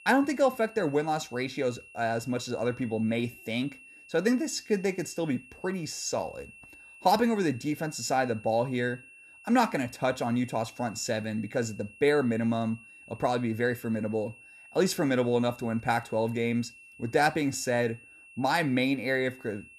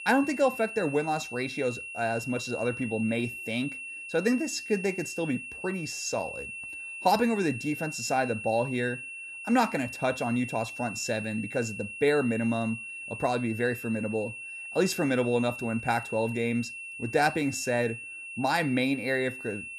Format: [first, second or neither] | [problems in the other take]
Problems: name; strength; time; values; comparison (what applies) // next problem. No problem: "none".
first | high-pitched whine; loud; throughout; 2.5 kHz, 8 dB below the speech; faint in the first